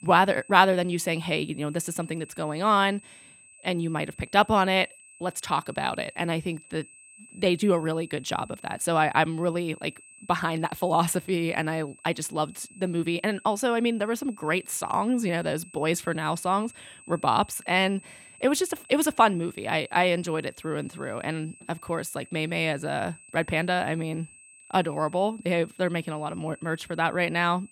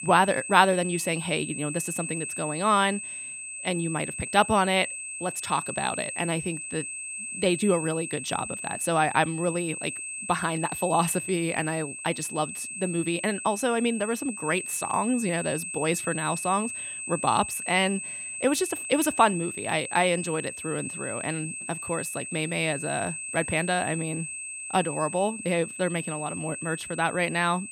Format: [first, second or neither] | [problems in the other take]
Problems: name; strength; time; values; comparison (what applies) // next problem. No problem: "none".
first | high-pitched whine; loud; throughout; 8 kHz, 6 dB below the speech; faint in the first